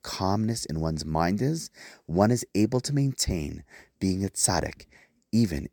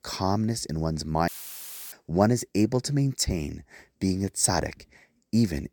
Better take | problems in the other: first | audio cutting out; filled with static; at 1.5 s for 0.5 s

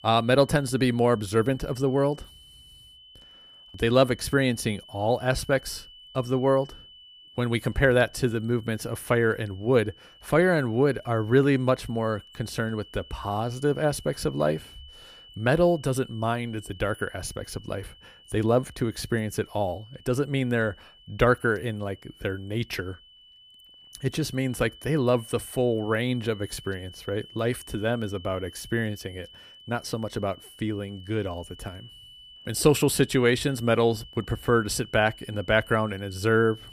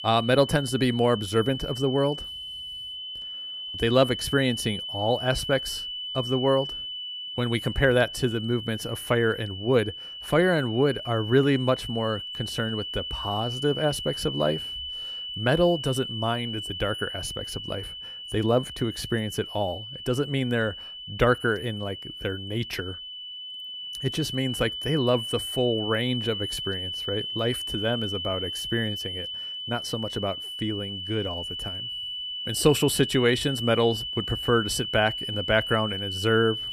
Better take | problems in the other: first | high-pitched whine; loud; throughout; 3 kHz, 6 dB below the speech; faint in the first

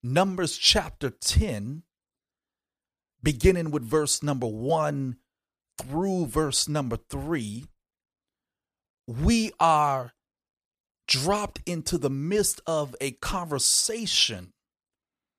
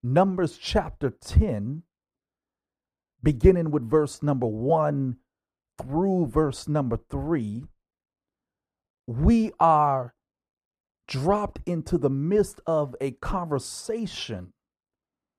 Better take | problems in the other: first | muffled; very; fading above 2 kHz

